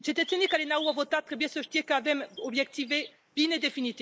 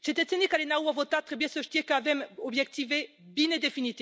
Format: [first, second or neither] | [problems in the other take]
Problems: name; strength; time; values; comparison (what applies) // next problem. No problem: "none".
second | noise reduction (neural mask model Resemble Enhance denoiser)